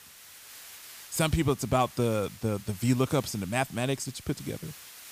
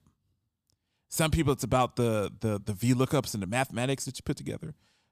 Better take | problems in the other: second | hiss; noticeable; throughout; 15 dB below the speech

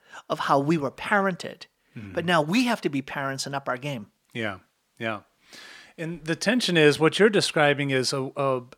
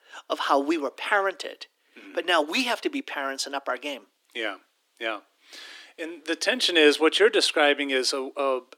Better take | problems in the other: first | thin; very slightly; fading below 300 Hz

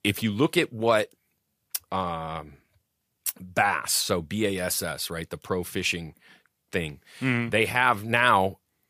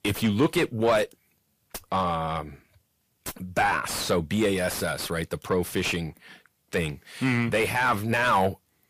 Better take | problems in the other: first | distortion; heavy; 6 dB below the speech

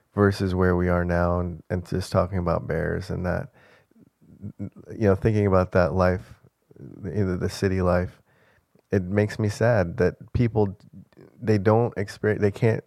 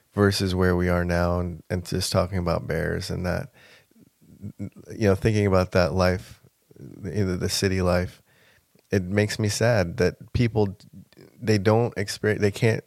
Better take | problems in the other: second | muffled; slightly; fading above 2 kHz

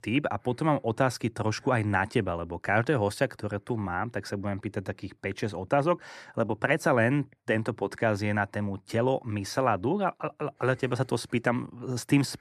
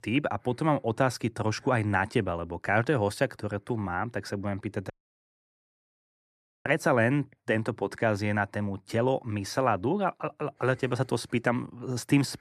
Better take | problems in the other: first | audio cutting out; at 5 s for 2 s

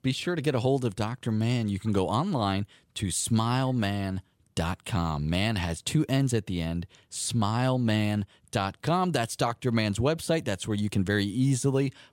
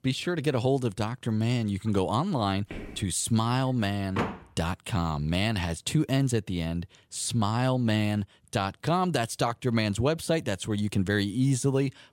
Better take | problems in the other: first | footsteps; faint; at 2.5 s; peak 15 dB below the speech // door banging; noticeable; at 4 s; peak 4 dB below the speech

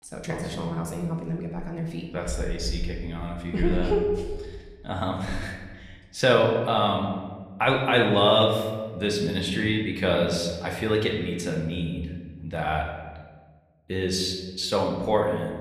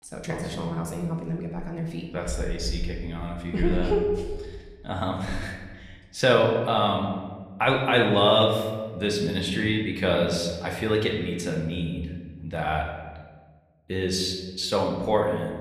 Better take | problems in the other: neither | room echo; slight; dies away in 1.2 s; the same in both // off-mic speech; somewhat distant; the same in both

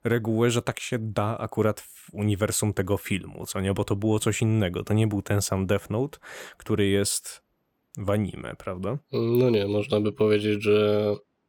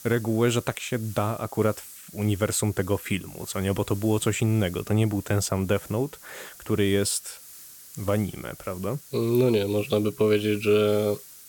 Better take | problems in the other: first | hiss; noticeable; throughout; 20 dB below the speech

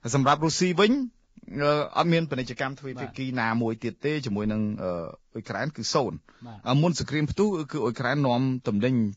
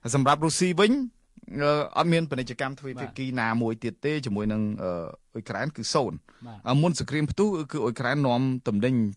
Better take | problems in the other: second | garbled, watery; badly; nothing above 7.5 kHz; slightly in the second

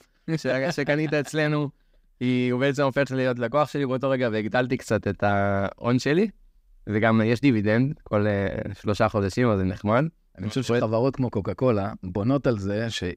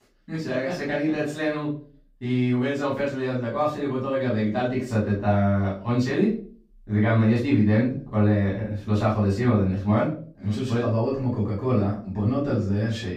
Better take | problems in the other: first | room echo; noticeable; dies away in 0.4 s // off-mic speech; far

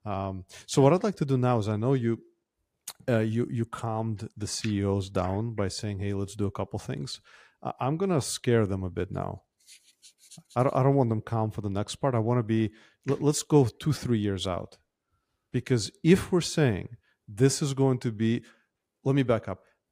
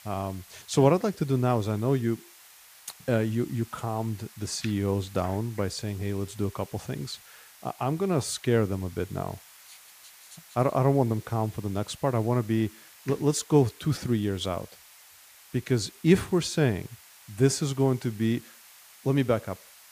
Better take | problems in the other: first | hiss; faint; throughout; 20 dB below the speech

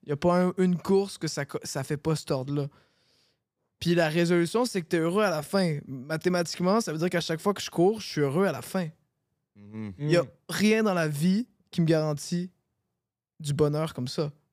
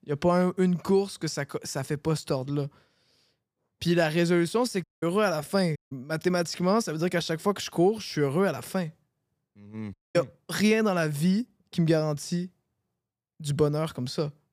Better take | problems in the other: first | audio cutting out; at 5 s, at 6 s and at 10 s

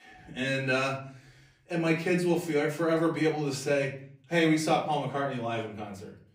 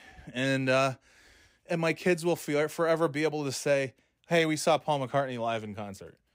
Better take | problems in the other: second | room echo; slight; dies away in 0.5 s // off-mic speech; far

